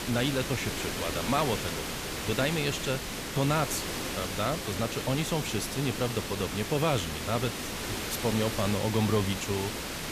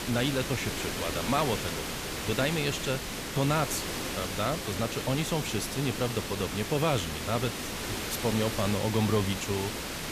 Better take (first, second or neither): neither